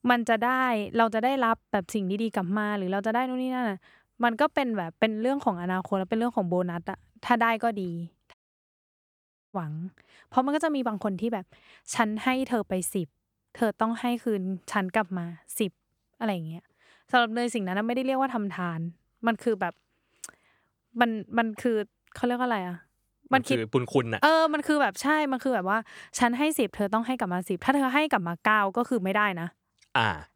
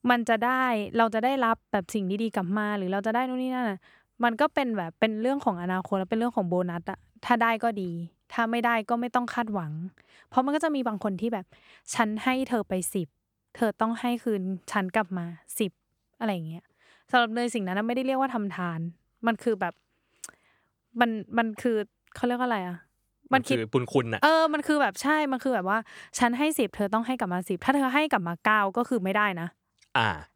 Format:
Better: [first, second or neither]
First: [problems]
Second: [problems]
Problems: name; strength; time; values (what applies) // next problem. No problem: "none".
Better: second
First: audio cutting out; at 8.5 s for 1 s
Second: none